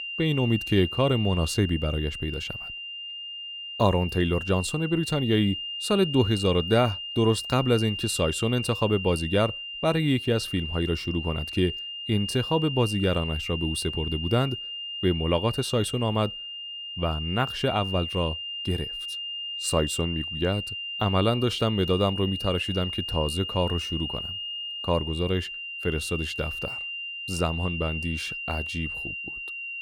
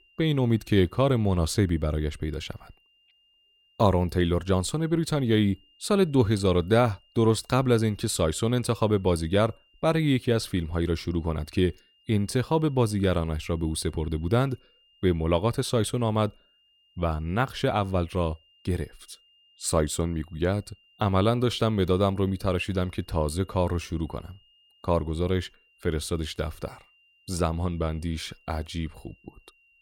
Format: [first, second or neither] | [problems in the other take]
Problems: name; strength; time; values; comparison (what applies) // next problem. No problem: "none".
second | high-pitched whine; loud; throughout; 3 kHz, 6 dB below the speech; faint in the second